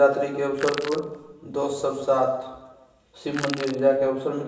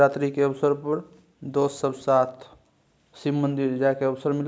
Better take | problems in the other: second | background sound (Crushing); 11 dB below the speech // room echo; dies away in 1 s

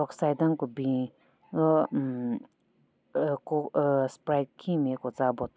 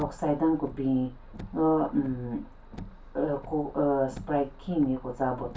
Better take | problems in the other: first | background sound (Car); 15 dB below the speech // room echo; dies away in 0.2 s

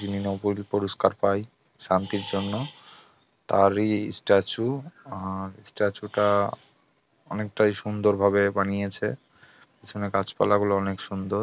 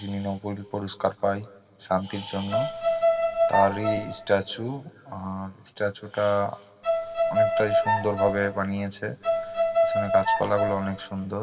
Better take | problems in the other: first | background sound (Bowed string instrument); 4 dB above the speech // room echo; dies away in 2.1 s

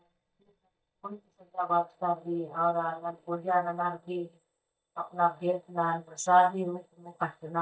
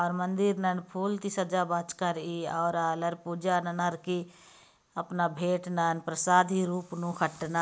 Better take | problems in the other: second | noise reduction (neural mask model DeepFilterNet 3)

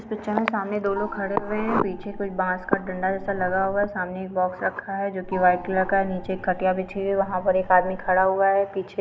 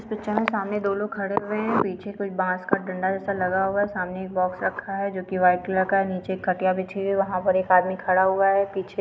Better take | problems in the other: second | background sound (Gong); 13 dB below the speech

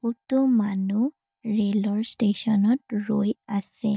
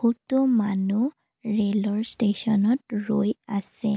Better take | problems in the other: second | noise reduction (neural mask model DeepFilterNet 3)

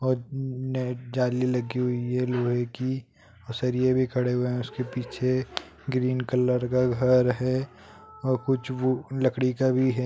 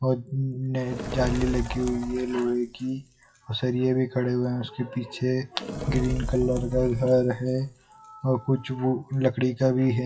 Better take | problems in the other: first | noise reduction (classical method WPE with log-MMSE)

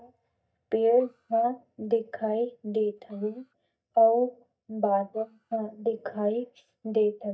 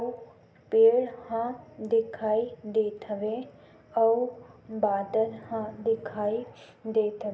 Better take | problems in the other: second | noise reduction (neural mask model DeepFilterNet 3)

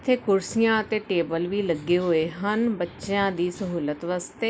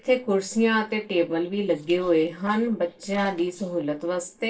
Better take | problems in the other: first | noise reduction (neural separator model SepFormer DNS4)

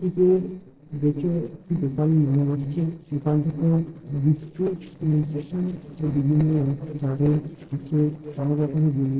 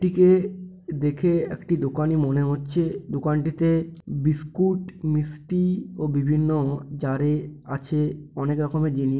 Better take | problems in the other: second | noise reduction (neural separator model SepFormer DNS4)

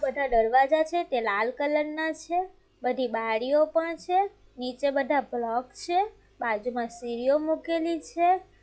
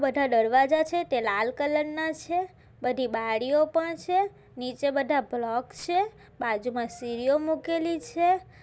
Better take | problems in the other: second | noise reduction (classical method log-MMSE)

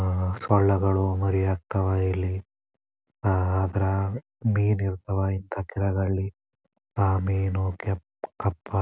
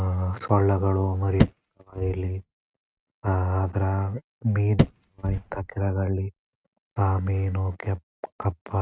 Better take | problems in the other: first | noise reduction (neural mask model RNNoise)

